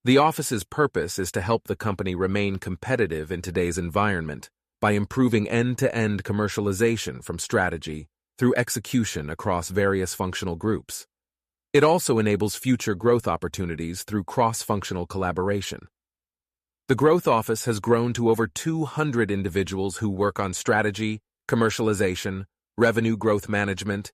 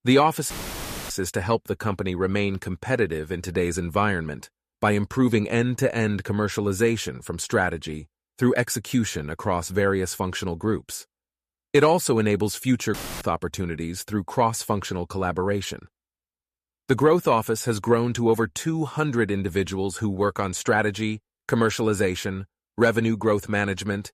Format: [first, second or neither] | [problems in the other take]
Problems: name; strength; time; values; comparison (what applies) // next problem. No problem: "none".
first | audio cutting out; filled with static; at 0.5 s for 0.5 s and at 13 s